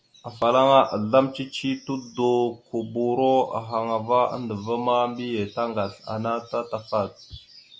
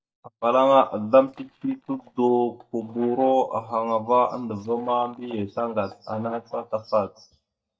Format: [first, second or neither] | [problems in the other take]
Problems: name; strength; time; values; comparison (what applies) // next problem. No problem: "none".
first | noise reduction (neural mask model DeepFilterNet 3)